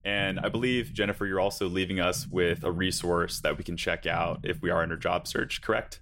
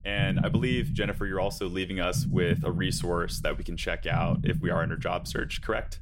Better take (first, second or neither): first